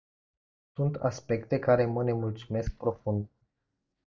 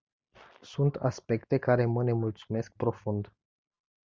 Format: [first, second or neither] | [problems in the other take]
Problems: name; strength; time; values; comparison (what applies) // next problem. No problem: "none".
second | noise reduction (neural mask model DeepFilterNet 3)